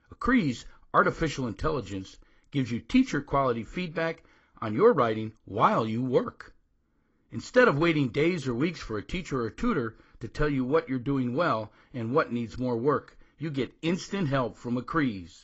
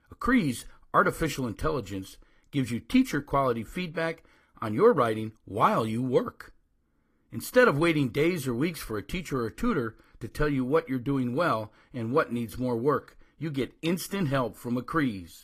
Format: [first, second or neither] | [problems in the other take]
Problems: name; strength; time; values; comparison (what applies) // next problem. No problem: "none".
second | garbled, watery; badly; nothing above 7.5 kHz; slightly in the second